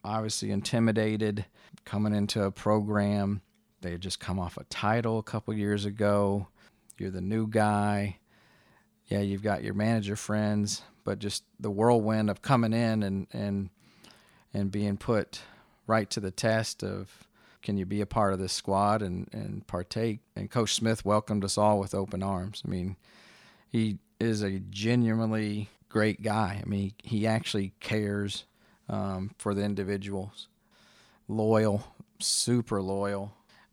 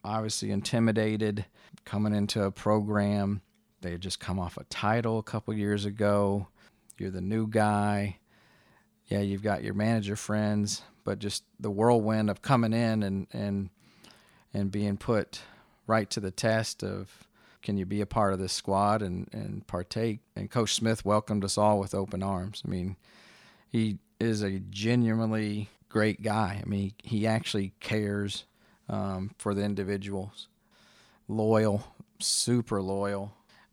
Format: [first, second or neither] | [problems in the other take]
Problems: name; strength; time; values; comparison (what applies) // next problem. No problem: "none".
neither | none